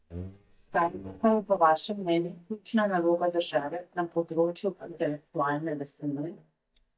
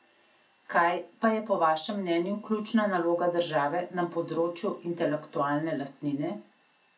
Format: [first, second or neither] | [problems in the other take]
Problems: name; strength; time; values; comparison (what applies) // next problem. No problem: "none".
second | noise reduction (neural mask model DeepFilterNet 3)